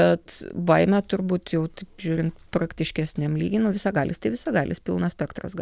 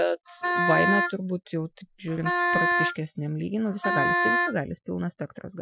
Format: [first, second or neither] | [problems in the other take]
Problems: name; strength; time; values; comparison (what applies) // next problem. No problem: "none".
first | noise reduction (classical method Wiener filter)